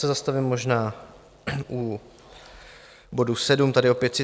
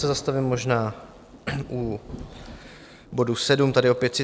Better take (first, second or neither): first